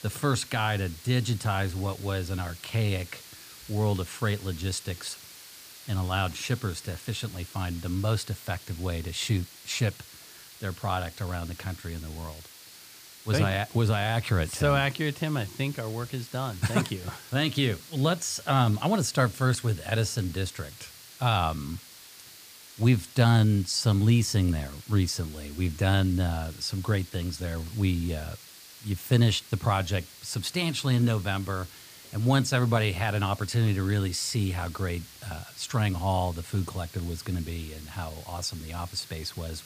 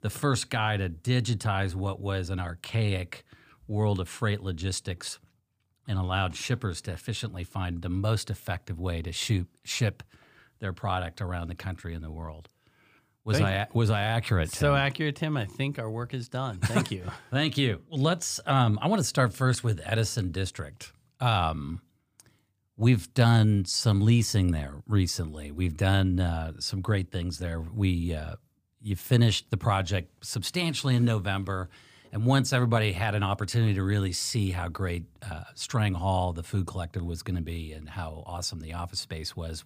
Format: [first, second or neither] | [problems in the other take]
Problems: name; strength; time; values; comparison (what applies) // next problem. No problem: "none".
second | hiss; noticeable; throughout; 15 dB below the speech